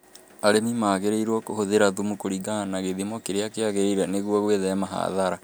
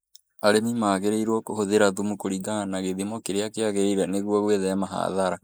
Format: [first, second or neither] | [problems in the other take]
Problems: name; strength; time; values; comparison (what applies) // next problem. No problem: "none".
first | noise reduction (neural mask model Resemble Enhance denoiser)